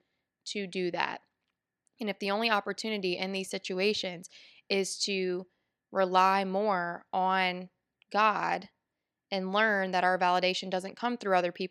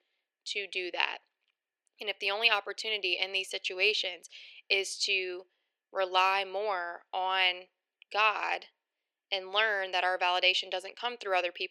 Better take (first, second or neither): first